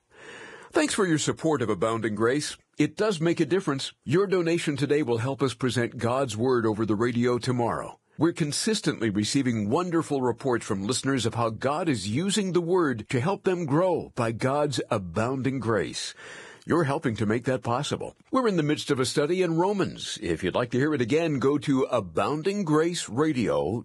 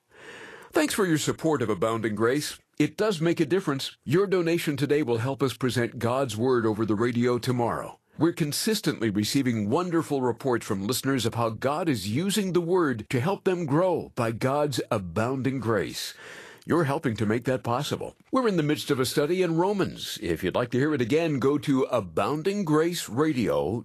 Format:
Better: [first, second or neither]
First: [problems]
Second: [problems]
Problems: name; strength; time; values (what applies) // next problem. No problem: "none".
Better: second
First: garbled, watery; badly; nothing above 10.5 kHz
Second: garbled, watery; slightly; nothing above 13 kHz